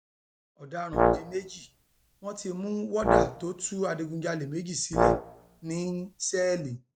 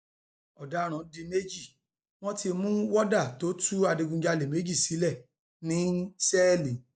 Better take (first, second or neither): second